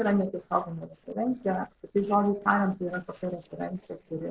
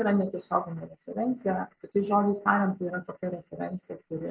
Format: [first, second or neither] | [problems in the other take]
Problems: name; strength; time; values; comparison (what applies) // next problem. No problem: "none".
second | noise reduction (neural separator model SepFormer DNS4)